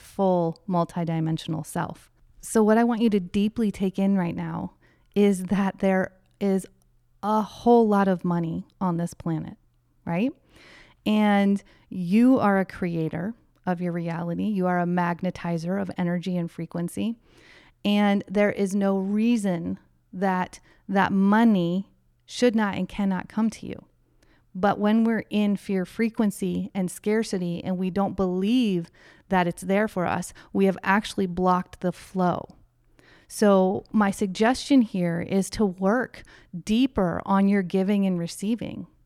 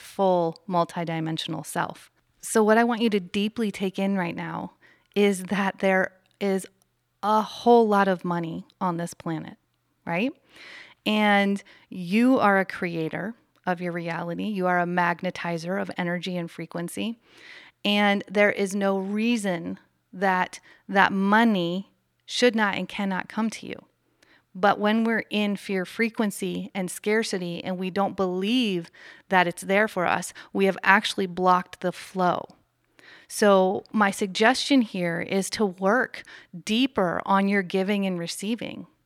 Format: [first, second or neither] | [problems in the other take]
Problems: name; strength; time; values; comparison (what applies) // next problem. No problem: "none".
first | thin; very slightly; fading below 350 Hz